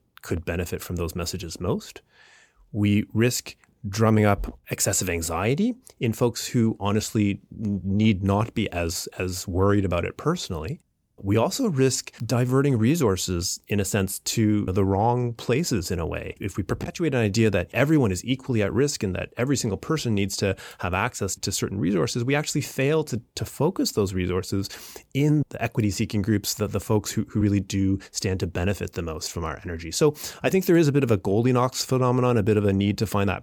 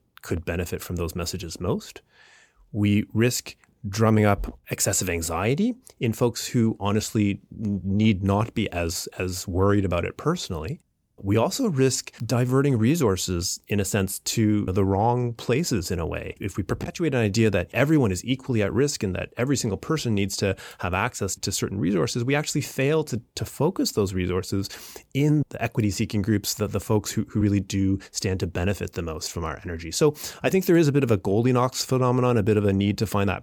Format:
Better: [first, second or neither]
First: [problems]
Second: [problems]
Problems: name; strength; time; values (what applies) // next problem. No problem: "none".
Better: neither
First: none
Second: none